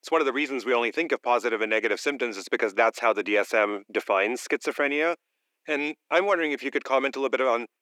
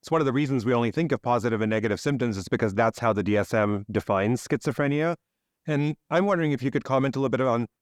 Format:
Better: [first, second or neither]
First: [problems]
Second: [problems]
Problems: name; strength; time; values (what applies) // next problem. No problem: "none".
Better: second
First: thin; somewhat; fading below 300 Hz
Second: none